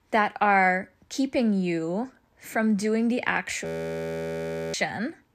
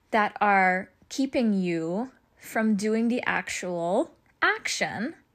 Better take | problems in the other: second | audio freezing; at 3.5 s for 1 s

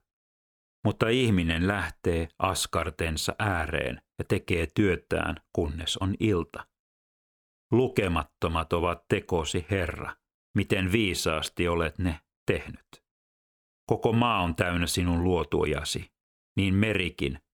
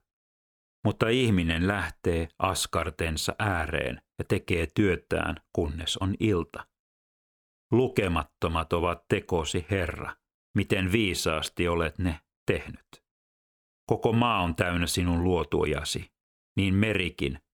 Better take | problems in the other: neither | none

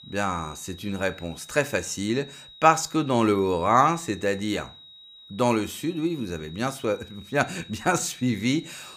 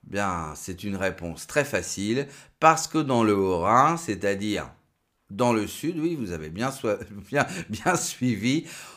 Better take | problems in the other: second | high-pitched whine; noticeable; throughout; 4 kHz, 20 dB below the speech

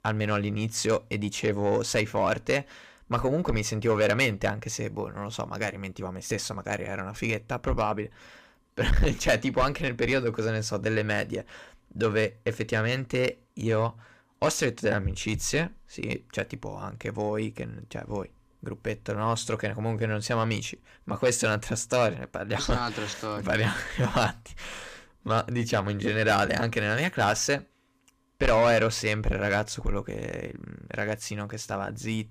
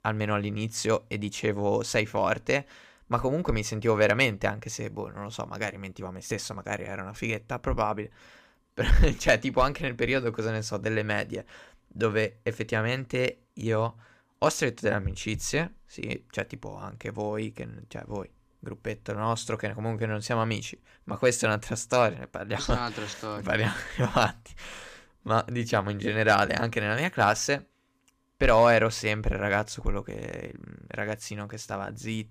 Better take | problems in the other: second | distortion; slight; 10 dB below the speech

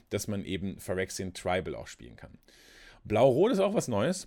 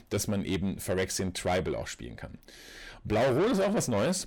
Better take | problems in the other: first | distortion; heavy; 7 dB below the speech

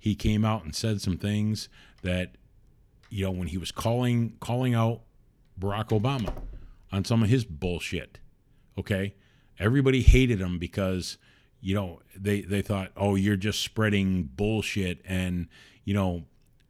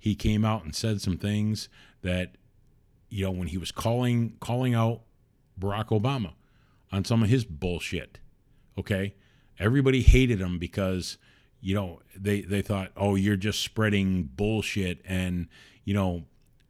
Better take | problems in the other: second | door banging; faint; at 6 s; peak 10 dB below the speech

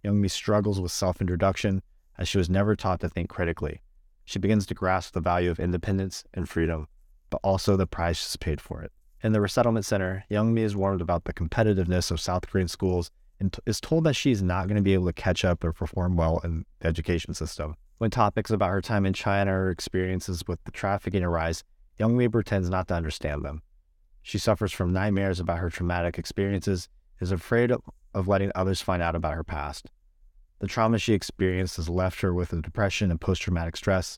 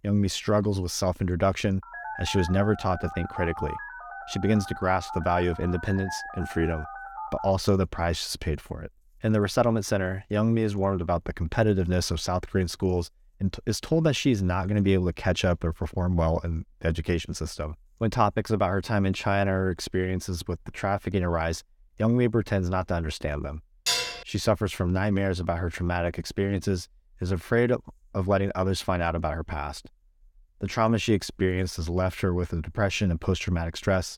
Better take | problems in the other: first | phone ringing; noticeable; from 2 to 7.5 s; peak 8 dB below the speech // clattering dishes; loud; at 24 s; peak 2 dB above the speech

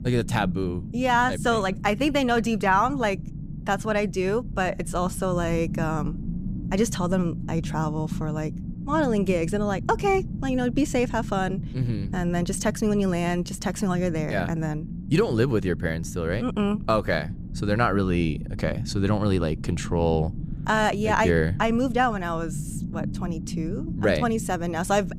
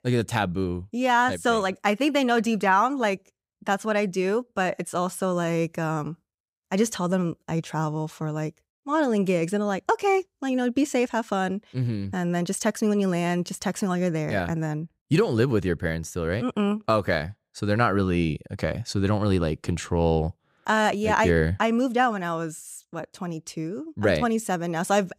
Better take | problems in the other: second | low rumble; noticeable; throughout; 15 dB below the speech

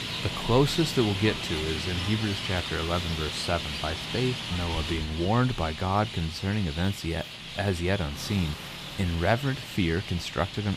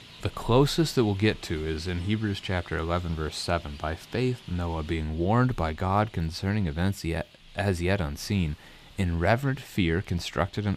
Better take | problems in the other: second | traffic noise; loud; throughout; 5 dB below the speech; faint in the second

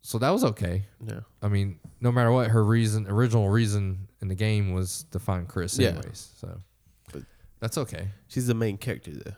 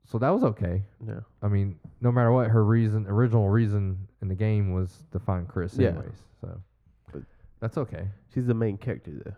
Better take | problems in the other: first | muffled; very; fading above 3 kHz

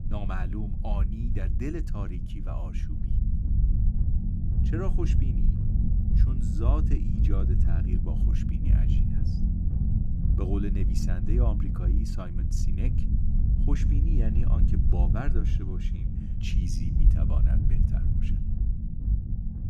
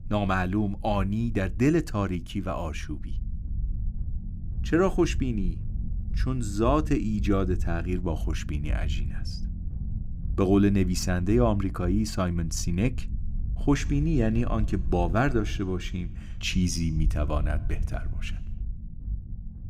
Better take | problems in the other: second | low rumble; loud; throughout; 1 dB below the speech; faint in the second

